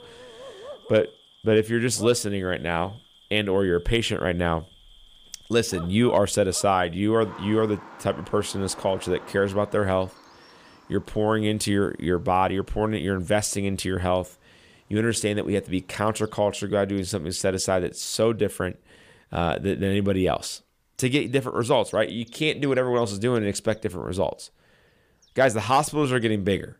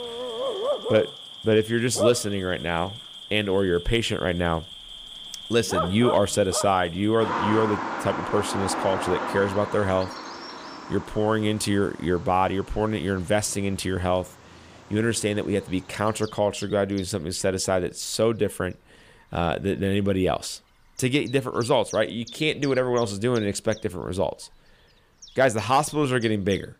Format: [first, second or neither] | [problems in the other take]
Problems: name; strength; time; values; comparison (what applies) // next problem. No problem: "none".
first | animal sounds; loud; throughout; 8 dB below the speech; faint in the first